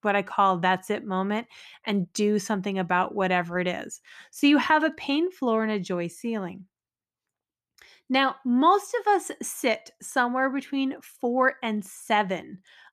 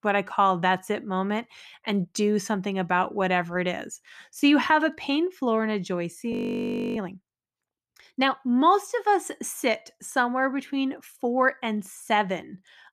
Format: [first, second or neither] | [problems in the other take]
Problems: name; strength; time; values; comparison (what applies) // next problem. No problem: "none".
first | audio freezing; at 6.5 s for 0.5 s